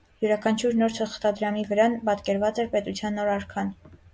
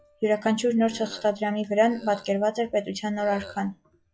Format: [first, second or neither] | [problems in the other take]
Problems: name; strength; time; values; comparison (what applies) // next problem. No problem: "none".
first | noise reduction (classical method log-MMSE)